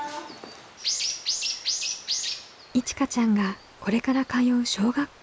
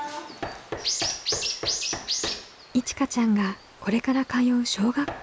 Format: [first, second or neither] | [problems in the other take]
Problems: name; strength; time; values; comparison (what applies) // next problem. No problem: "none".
first | background sound (Knock); 14 dB below the speech